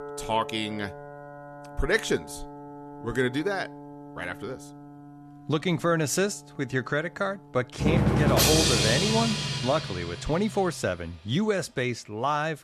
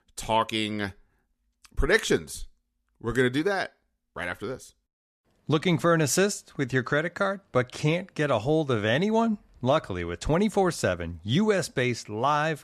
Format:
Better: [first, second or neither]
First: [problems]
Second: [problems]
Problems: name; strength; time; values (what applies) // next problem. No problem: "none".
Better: second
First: background music; very loud; throughout; 3 dB above the speech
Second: none